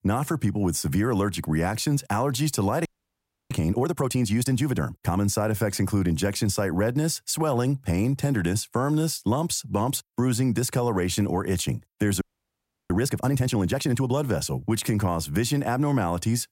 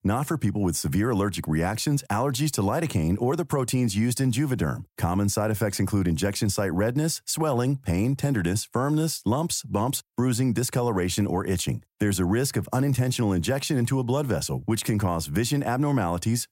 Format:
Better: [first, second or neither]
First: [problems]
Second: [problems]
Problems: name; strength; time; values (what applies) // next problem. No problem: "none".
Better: second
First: audio freezing; at 3 s for 0.5 s and at 12 s for 0.5 s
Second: none